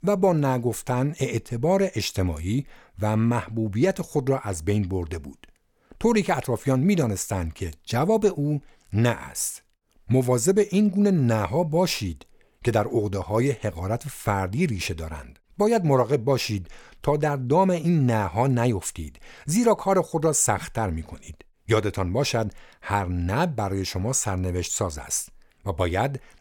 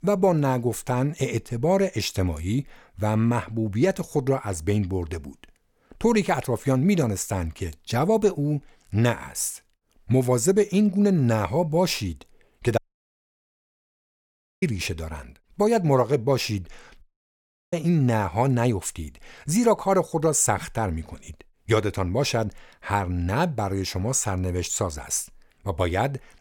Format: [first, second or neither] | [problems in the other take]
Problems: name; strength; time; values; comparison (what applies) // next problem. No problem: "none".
first | audio cutting out; at 13 s for 2 s and at 17 s for 0.5 s